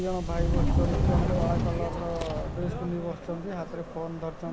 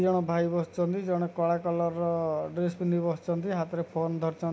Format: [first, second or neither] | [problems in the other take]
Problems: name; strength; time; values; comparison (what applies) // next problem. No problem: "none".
second | background sound (Subway, metro, underground); 5 dB above the speech